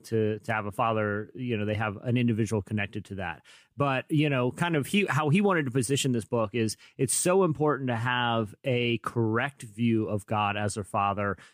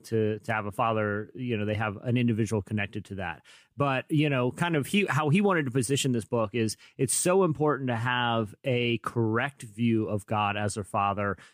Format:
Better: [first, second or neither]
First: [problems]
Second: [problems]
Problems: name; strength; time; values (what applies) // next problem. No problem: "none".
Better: neither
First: none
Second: none